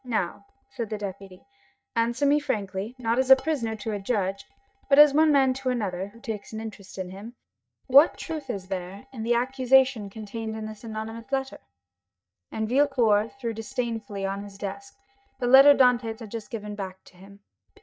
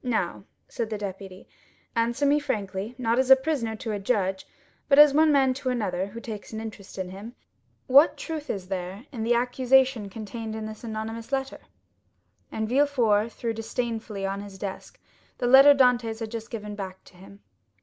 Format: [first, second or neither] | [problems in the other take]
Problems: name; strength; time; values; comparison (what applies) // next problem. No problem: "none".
second | noise reduction (neural mask model DeepFilterNet 3)